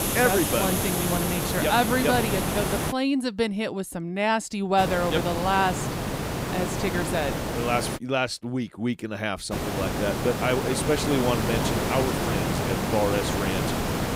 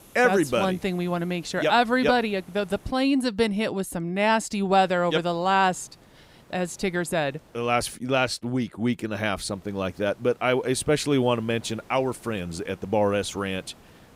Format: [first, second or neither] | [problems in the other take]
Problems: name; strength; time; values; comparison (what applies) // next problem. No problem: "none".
second | hiss; loud; until 3 s, from 5 to 8 s and from 9.5 s on; 1 dB below the speech; faint in the second